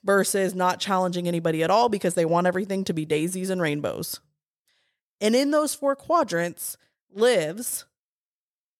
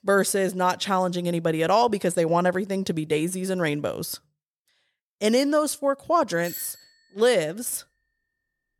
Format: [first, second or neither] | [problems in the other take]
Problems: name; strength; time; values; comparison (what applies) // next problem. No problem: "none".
first | doorbell; faint; at 6.5 s; peak 10 dB below the speech